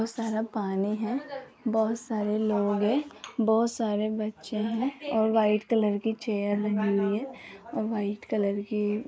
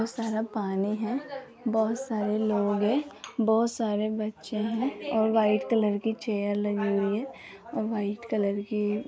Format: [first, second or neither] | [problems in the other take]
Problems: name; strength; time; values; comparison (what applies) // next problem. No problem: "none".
second | noise reduction (neural mask model Resemble Enhance denoiser)